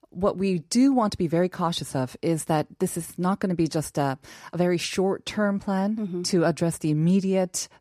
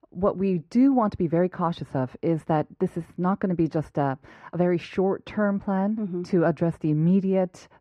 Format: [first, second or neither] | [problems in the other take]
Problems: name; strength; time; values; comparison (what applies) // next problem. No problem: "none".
first | muffled; very; fading above 4 kHz